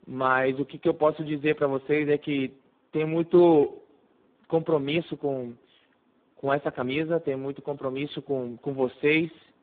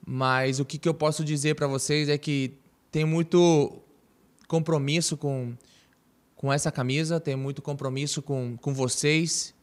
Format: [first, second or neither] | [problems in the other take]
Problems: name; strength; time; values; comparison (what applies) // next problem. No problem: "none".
second | phone-call audio; poor line; nothing above 3.5 kHz